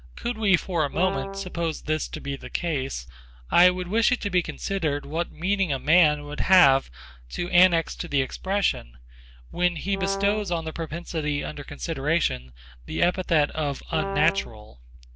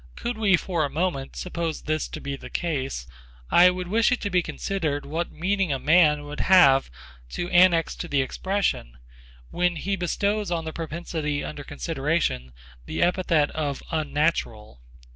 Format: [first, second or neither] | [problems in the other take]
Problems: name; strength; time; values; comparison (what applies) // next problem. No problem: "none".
second | background sound (Brass instrument); 7 dB below the speech